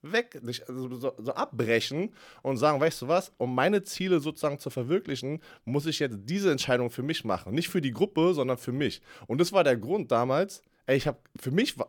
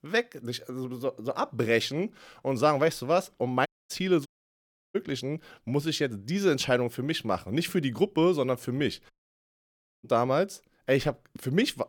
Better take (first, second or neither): first